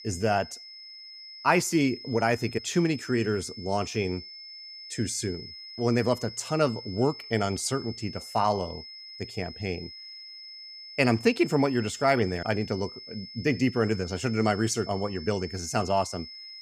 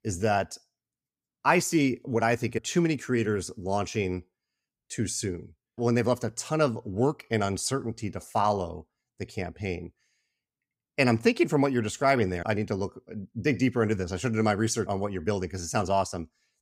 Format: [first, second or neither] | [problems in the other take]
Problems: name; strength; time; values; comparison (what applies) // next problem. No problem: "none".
second | high-pitched whine; noticeable; throughout; 5 kHz, 15 dB below the speech